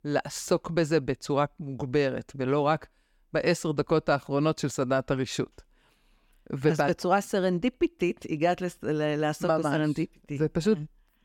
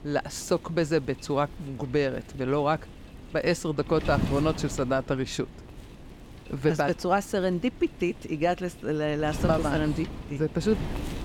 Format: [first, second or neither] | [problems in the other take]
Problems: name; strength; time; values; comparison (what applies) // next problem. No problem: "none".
first | wind noise on the microphone; occasional gusts; 15 dB below the speech